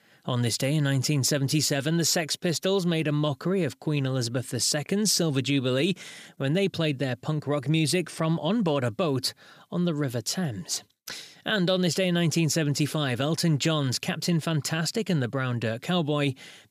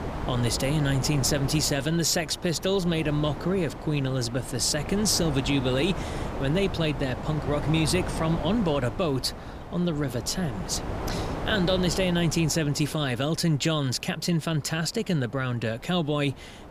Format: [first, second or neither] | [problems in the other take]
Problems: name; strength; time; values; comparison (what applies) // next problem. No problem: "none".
first | wind noise on the microphone; heavy; 9 dB below the speech